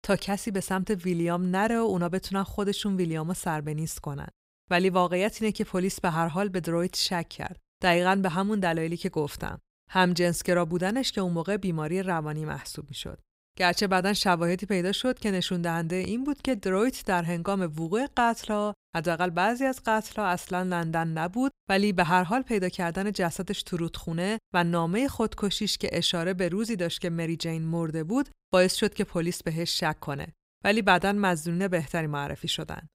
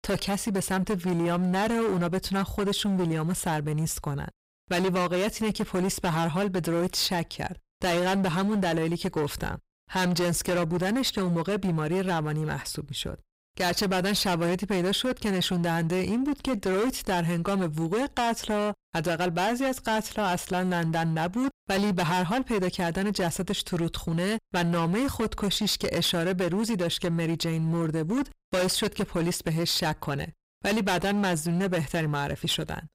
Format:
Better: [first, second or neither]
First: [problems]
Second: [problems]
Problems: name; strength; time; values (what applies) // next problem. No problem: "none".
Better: first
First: none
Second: distortion; heavy; 22% of the sound clipped